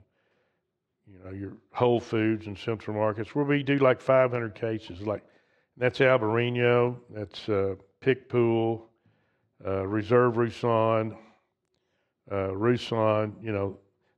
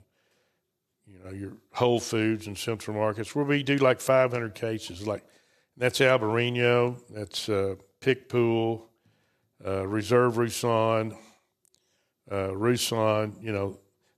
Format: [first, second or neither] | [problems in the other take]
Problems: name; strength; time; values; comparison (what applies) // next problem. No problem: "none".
second | muffled; slightly; fading above 2.5 kHz